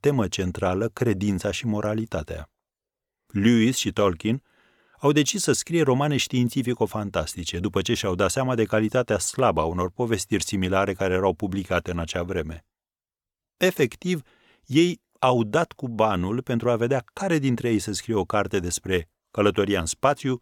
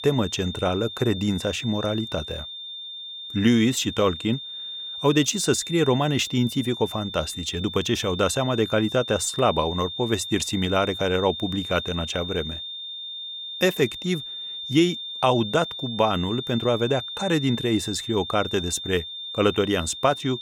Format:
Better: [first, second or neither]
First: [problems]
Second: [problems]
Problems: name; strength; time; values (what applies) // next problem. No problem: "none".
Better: first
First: none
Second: high-pitched whine; loud; throughout; 3.5 kHz, 8 dB below the speech